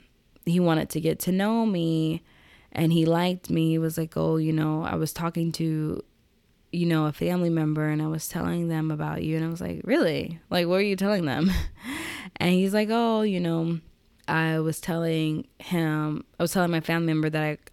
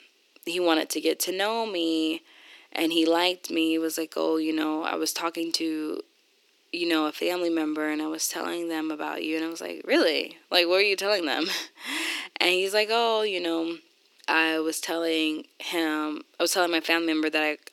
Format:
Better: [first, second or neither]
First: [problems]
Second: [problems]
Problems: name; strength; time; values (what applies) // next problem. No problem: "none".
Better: first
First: none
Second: thin; very; fading below 300 Hz